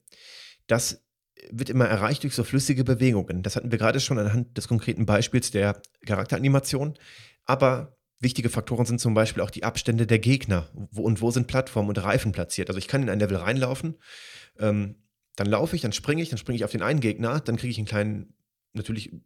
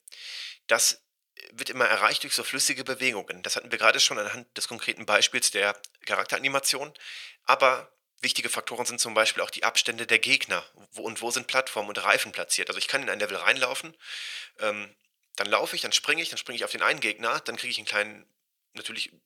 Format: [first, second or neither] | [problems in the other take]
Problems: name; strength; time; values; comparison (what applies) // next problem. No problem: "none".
first | thin; very; fading below 800 Hz